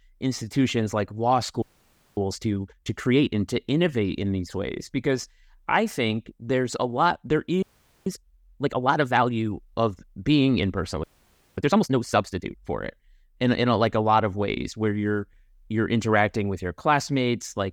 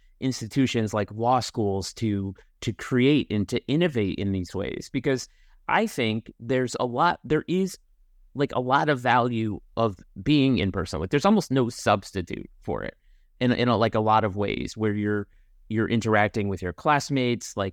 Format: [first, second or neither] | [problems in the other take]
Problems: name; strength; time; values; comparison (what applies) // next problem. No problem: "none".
second | audio freezing; at 1.5 s for 0.5 s, at 7.5 s and at 11 s for 0.5 s